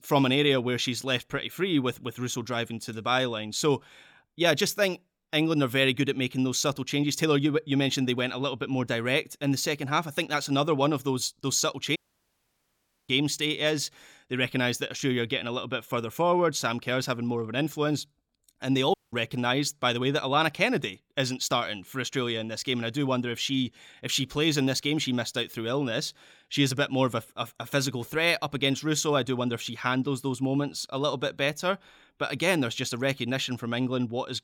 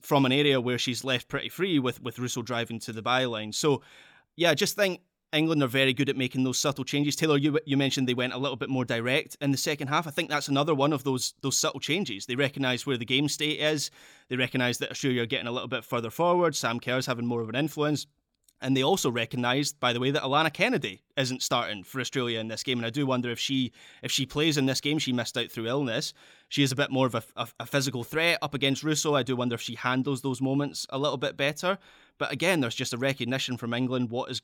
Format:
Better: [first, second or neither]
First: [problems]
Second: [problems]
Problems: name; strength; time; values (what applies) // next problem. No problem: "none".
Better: second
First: audio cutting out; at 12 s for 1 s and at 19 s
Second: none